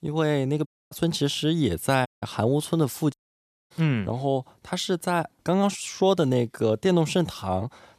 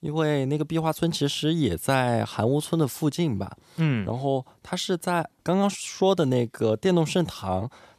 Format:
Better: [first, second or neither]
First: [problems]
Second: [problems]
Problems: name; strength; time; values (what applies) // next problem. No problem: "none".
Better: second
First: audio cutting out; at 0.5 s, at 2 s and at 3 s for 0.5 s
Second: none